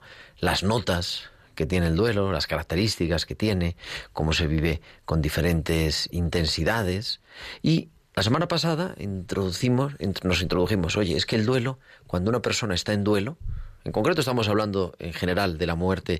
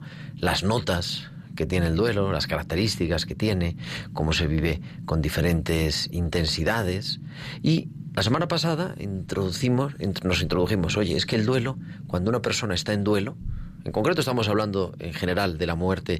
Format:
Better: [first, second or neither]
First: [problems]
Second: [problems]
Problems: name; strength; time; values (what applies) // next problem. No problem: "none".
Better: first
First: none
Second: low rumble; faint; throughout; 20 dB below the speech